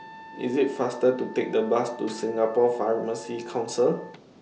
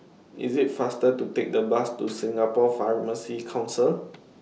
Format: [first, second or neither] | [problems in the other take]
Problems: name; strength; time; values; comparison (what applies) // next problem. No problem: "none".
second | background sound (Wind instrument, woodwind instrument); 19 dB below the speech